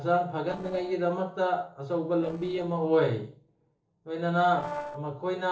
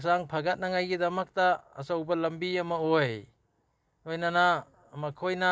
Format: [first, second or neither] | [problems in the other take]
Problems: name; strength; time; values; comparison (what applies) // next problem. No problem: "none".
second | noise reduction (neural separator model SepFormer DNS4)